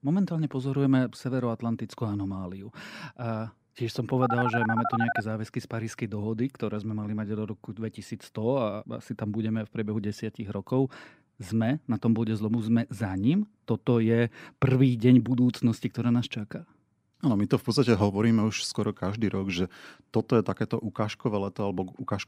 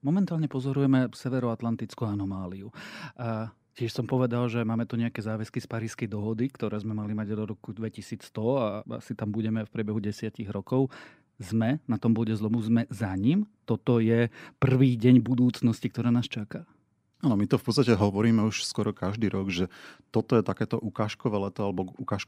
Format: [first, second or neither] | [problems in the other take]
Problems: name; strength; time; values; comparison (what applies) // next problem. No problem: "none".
second | phone ringing; noticeable; at 4 s; peak level with the speech